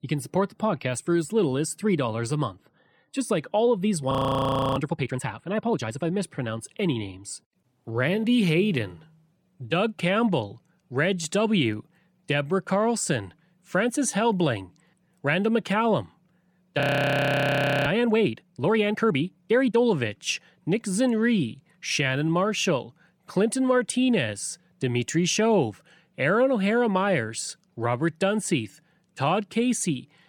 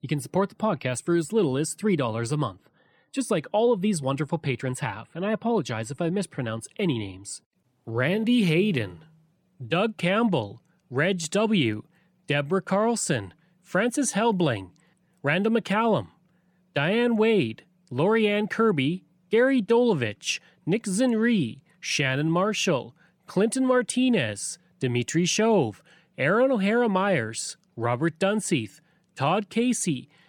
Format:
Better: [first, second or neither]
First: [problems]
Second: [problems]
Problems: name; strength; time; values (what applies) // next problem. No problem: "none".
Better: second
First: audio freezing; at 4 s for 0.5 s and at 17 s for 1 s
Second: none